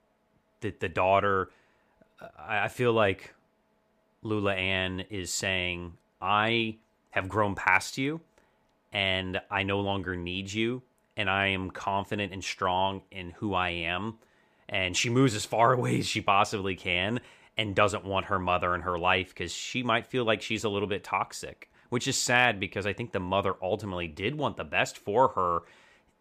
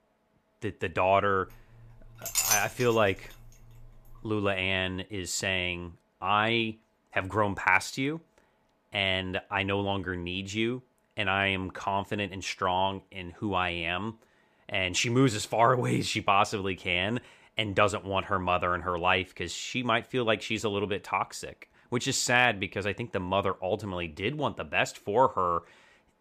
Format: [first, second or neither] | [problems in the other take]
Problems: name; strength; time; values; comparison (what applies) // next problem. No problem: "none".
first | clattering dishes; loud; at 2.5 s; peak 3 dB above the speech